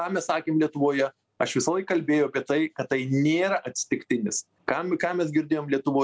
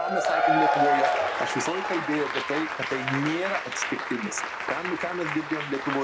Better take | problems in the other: first | background sound (Applause / Crowd / Cheering); 3 dB above the speech

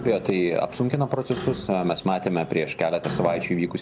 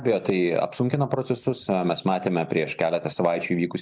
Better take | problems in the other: second | background sound (Clock); 13 dB below the speech

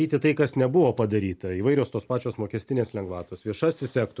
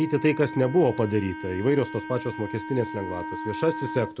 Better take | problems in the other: first | background sound (Wind instrument, woodwind instrument); 10 dB below the speech

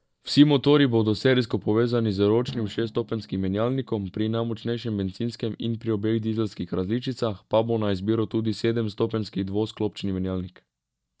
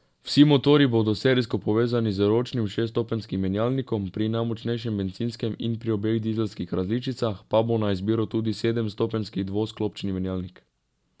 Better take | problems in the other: second | noise reduction (neural mask model DeepFilterNet 3)

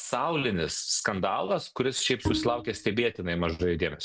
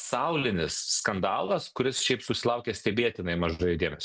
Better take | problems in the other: second | background sound (Bowed string instrument); 5 dB below the speech

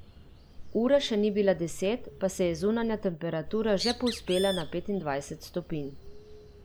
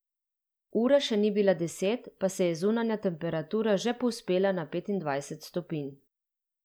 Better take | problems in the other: second | background sound (Bird); 12 dB below the speech

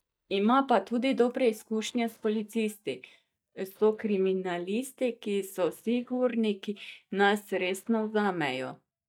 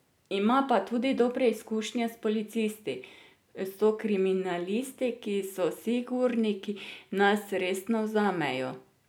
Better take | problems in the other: second | noise reduction (neural mask model DeepFilterNet 3)

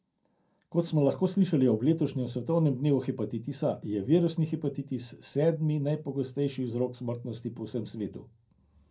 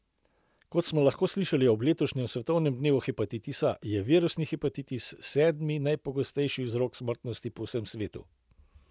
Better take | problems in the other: second | room echo; dies away in 0.2 s

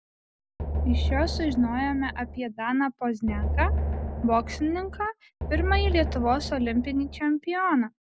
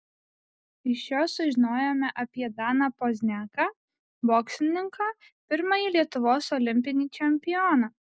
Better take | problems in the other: second | background sound (Drum); 1 dB below the speech

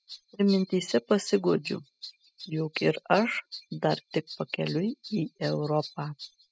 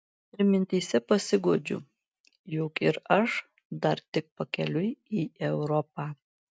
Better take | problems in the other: second | noise reduction (classical method spectral subtraction)

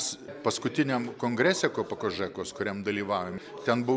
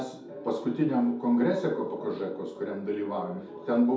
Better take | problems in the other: first | room echo; dies away in 0.6 s

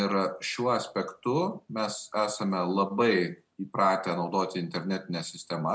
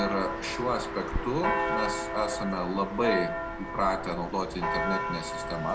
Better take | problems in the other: first | background sound (Church bell); 1 dB below the speech

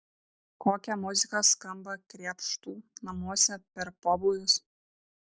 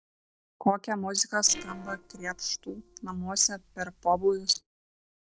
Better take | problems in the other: first | noise reduction (neural separator model SepFormer DNS4)

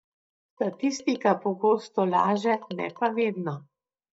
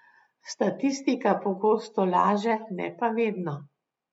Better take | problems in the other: second | noise reduction (neural mask model DeepFilterNet 3)

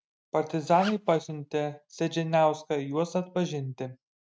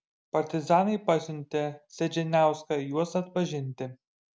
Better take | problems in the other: second | noise reduction (neural mask model RNNoise)

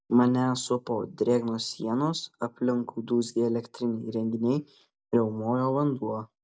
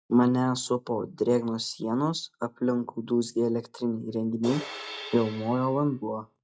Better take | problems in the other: first | noise reduction (classical method log-MMSE)

